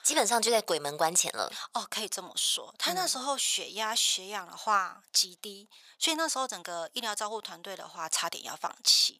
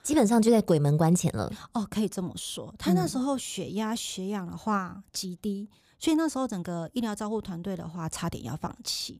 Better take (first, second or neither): second